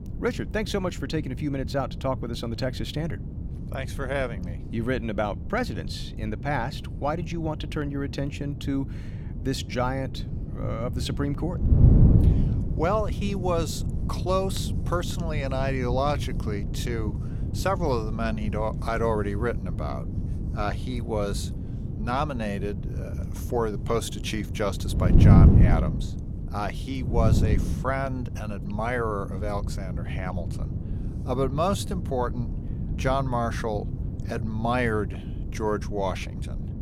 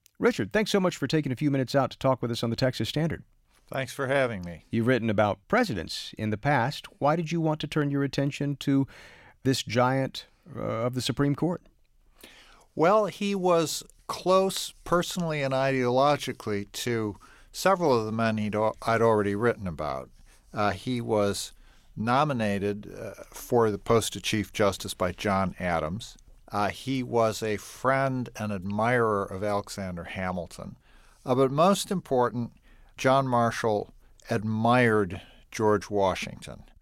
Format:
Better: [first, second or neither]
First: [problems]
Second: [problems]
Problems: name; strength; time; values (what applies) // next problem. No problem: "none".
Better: second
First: wind noise on the microphone; heavy; 9 dB below the speech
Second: none